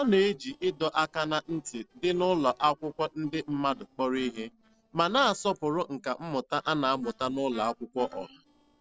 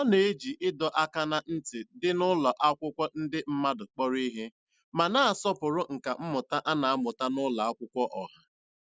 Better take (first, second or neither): second